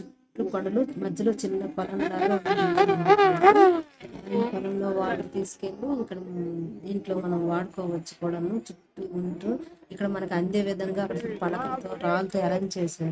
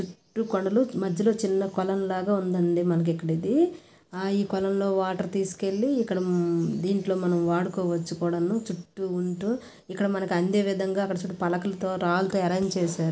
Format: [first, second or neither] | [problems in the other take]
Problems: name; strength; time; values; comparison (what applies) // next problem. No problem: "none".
second | noise reduction (neural mask model RNNoise)